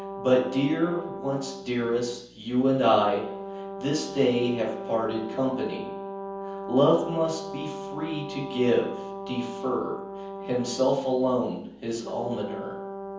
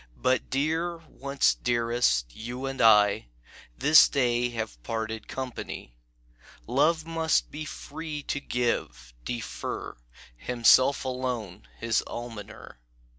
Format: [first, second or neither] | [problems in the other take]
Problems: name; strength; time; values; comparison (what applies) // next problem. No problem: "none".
second | background sound (Brass instrument); 10 dB below the speech // room echo; dies away in 0.7 s